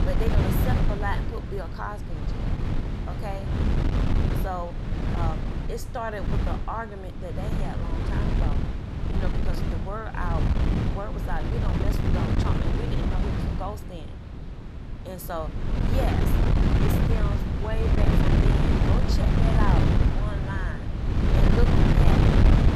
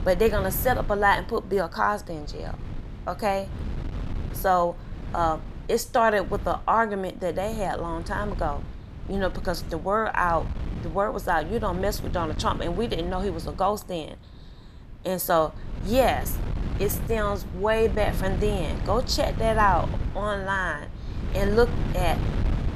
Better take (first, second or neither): second